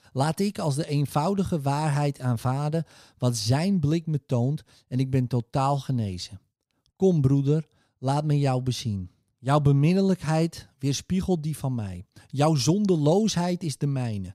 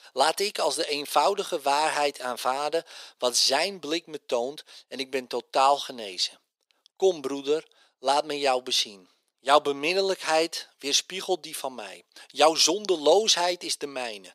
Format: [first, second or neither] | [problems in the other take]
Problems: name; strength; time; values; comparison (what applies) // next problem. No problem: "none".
first | thin; very; fading below 400 Hz